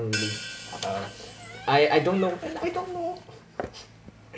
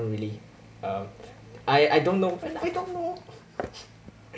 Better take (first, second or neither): second